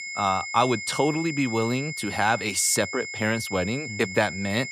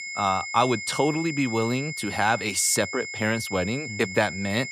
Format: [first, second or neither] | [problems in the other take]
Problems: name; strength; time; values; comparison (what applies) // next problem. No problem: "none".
neither | high-pitched whine; loud; throughout; 2 kHz, 8 dB below the speech; the same in both